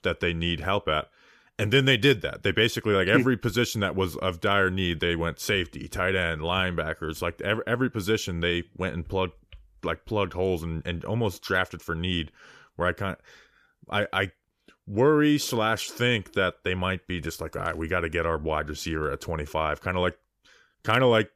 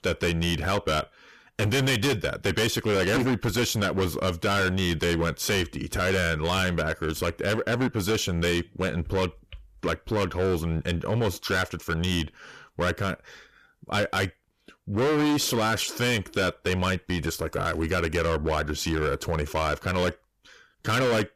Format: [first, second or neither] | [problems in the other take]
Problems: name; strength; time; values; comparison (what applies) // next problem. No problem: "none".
first | distortion; heavy; 17% of the sound clipped